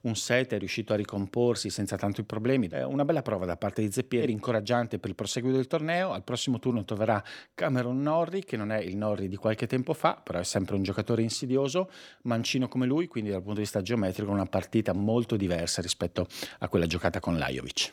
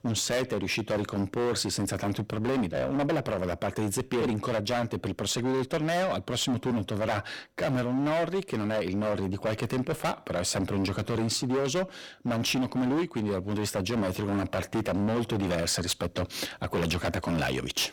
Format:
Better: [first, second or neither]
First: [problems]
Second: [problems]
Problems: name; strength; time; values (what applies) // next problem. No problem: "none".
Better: first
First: none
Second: distortion; heavy; 19% of the sound clipped